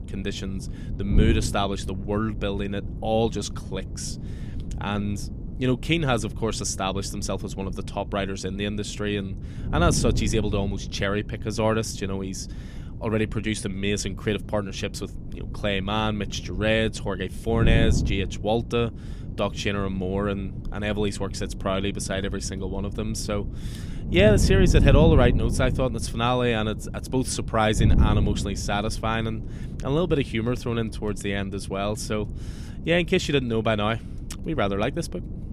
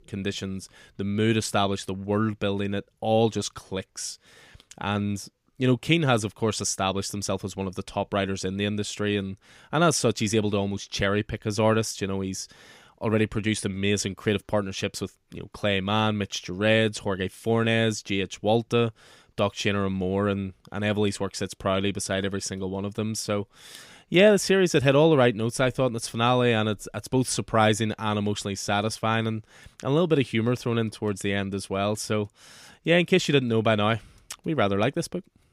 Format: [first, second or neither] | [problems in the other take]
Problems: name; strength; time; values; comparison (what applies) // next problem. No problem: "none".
second | wind noise on the microphone; occasional gusts; 15 dB below the speech